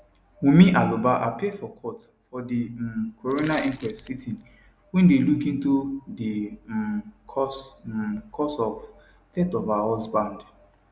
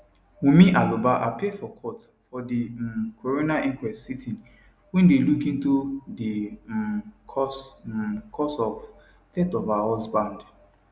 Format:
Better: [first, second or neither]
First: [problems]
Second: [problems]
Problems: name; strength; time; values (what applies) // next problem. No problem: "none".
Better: second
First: background sound (Crushing); 19 dB below the speech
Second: none